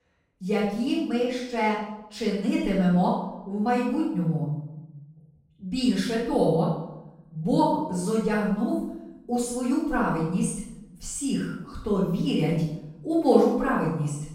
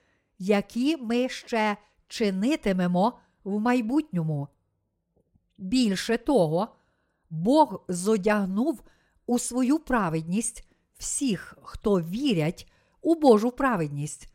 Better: second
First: off-mic speech; far // room echo; noticeable; dies away in 0.8 s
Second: none

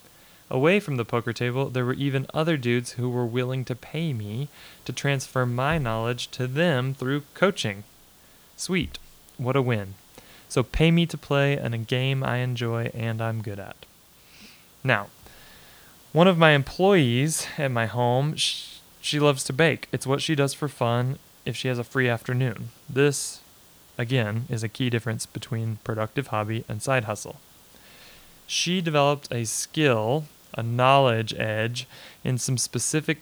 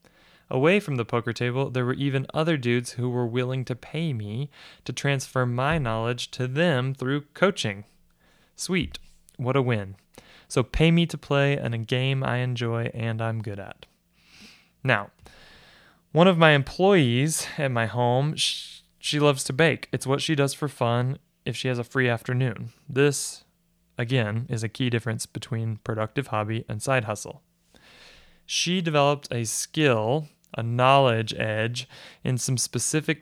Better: second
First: hiss; faint; throughout; 25 dB below the speech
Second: none

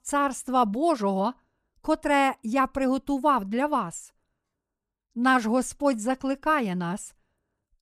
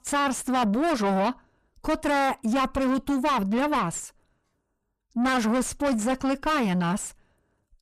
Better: first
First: none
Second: distortion; heavy; 5 dB below the speech

